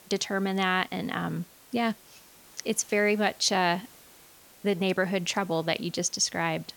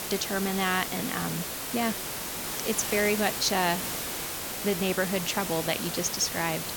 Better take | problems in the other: first | hiss; loud; throughout; 3 dB below the speech; faint in the first

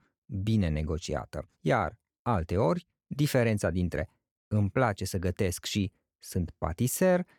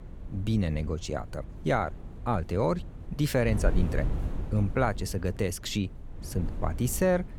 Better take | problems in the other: first | wind noise on the microphone; occasional gusts; 15 dB below the speech

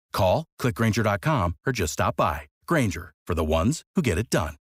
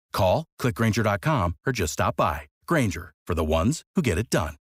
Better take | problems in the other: neither | none

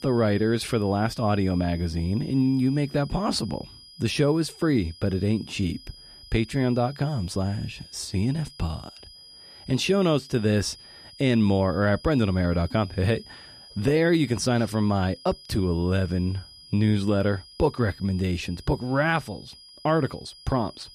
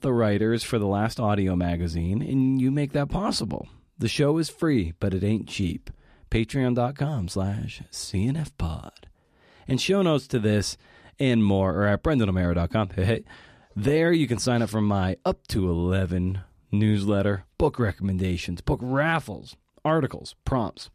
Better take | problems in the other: second | high-pitched whine; faint; throughout; 5 kHz, 20 dB below the speech

